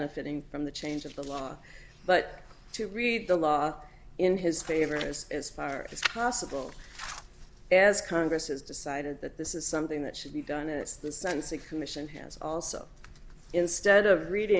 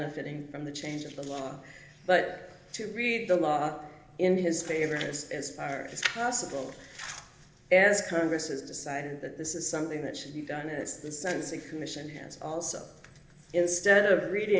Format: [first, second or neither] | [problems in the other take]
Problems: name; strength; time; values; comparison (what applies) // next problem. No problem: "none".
first | room echo; dies away in 0.8 s